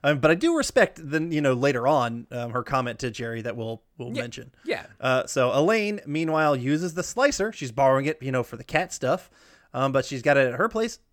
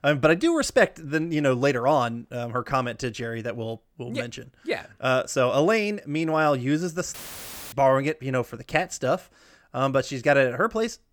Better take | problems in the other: first | audio cutting out; filled with static; at 7 s for 0.5 s

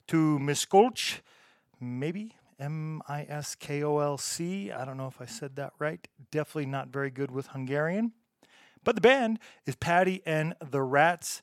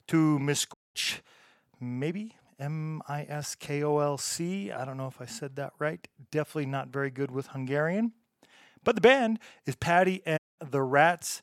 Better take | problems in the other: first | audio cutting out; at 0.5 s and at 10 s

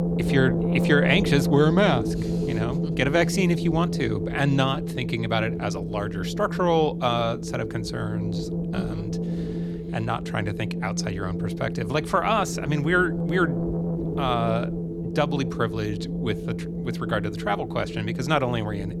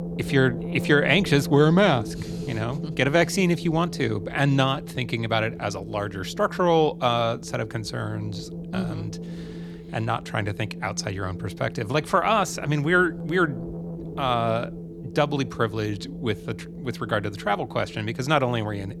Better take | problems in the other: second | wind noise on the microphone; heavy; 8 dB below the speech; occasional gusts in the second

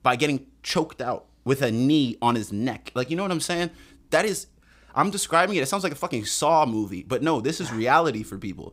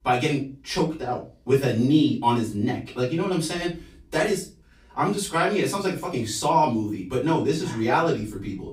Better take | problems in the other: first | off-mic speech; far // room echo; slight; dies away in 0.3 s

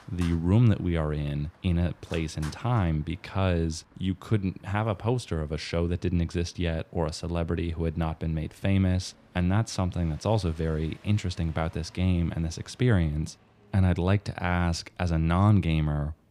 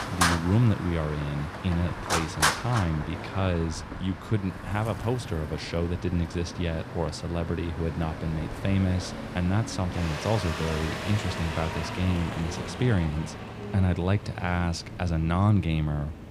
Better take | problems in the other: first | traffic noise; loud; throughout; 6 dB below the speech; faint in the first

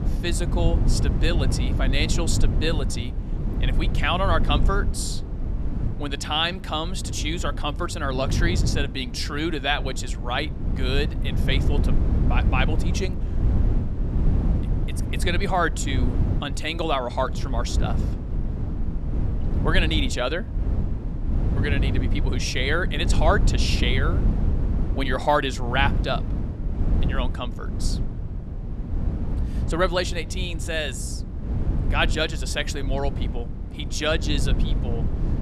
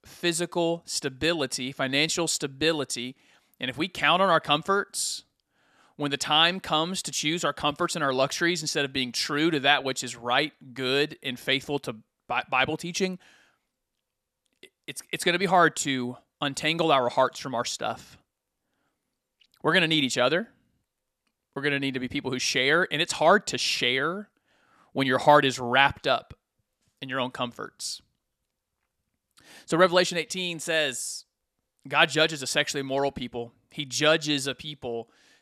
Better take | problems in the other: second | low rumble; noticeable; throughout; 10 dB below the speech

